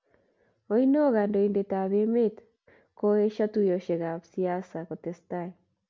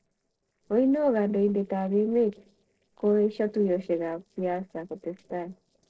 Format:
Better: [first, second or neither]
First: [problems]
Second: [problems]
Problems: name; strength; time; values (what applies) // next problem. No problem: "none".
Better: first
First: none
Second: noise reduction (neural separator model SepFormer DNS4)